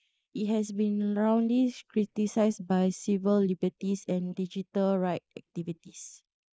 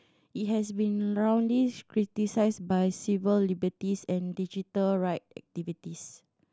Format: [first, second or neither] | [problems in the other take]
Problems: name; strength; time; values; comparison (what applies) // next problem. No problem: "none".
second | noise reduction (neural mask model Resemble Enhance denoiser)